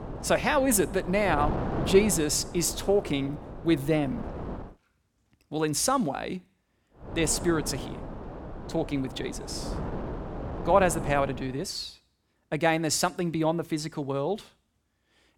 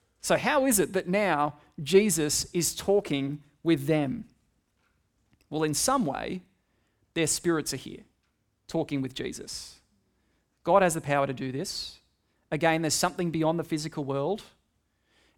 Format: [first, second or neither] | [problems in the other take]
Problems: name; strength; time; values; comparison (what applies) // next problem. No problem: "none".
second | wind noise on the microphone; occasional gusts; until 4.5 s and from 7 to 12 s; 10 dB below the speech